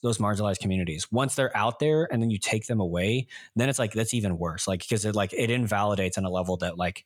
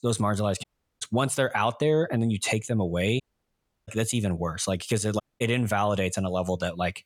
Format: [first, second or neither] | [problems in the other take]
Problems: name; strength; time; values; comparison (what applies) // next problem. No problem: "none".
first | audio cutting out; at 0.5 s, at 3 s for 0.5 s and at 5 s